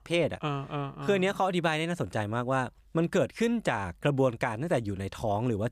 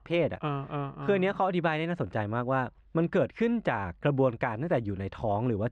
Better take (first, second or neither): first